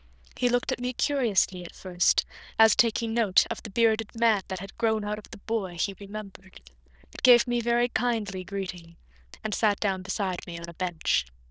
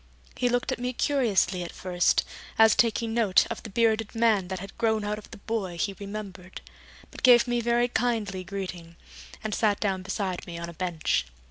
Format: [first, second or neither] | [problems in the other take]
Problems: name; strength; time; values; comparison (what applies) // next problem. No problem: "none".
second | noise reduction (neural diffusion model UNIVERSE++)